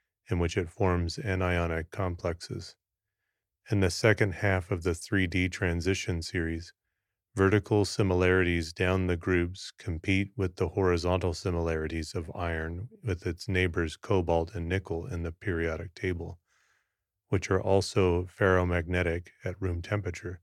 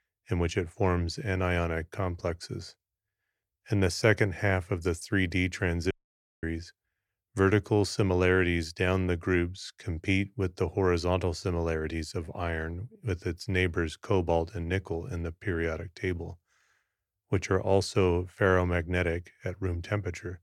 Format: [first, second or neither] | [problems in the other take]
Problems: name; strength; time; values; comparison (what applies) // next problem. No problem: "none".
first | audio cutting out; at 6 s for 0.5 s